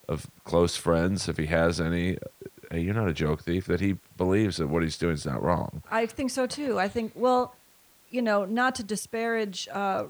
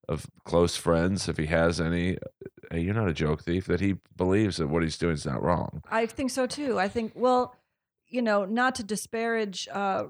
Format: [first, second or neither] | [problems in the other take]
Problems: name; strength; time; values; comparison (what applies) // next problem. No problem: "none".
second | hiss; faint; throughout; 30 dB below the speech